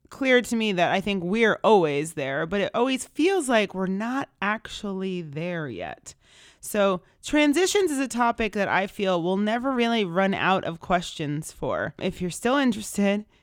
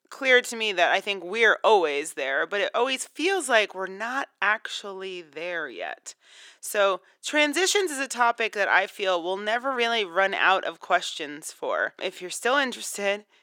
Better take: first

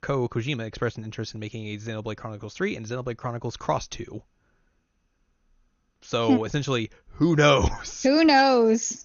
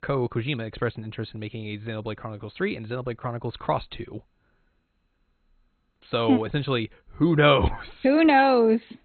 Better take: first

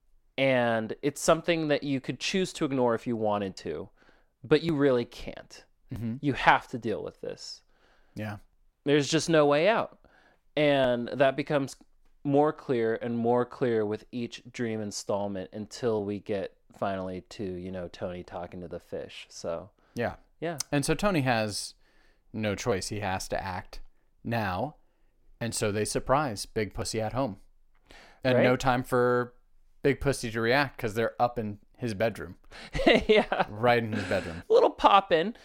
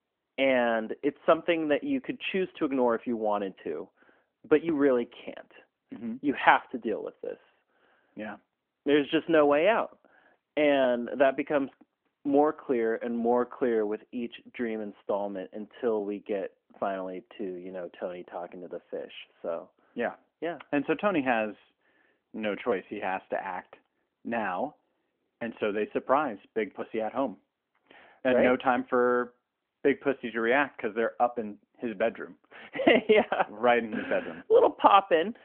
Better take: first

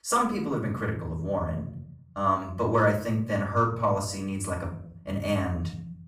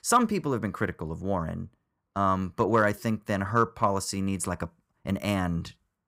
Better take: second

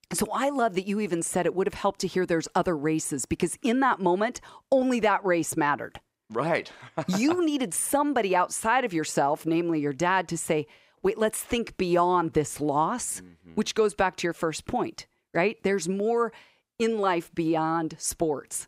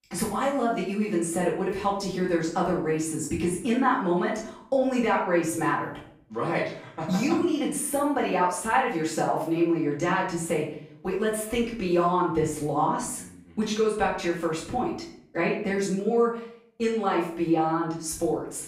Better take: first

